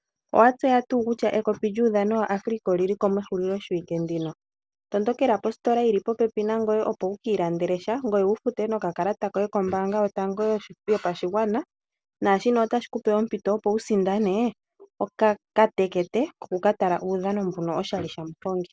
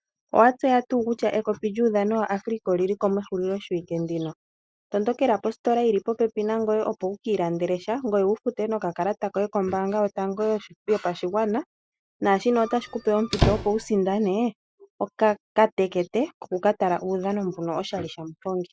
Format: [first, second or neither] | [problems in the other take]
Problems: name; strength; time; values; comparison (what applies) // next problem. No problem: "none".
first | noise reduction (classical method Wiener filter)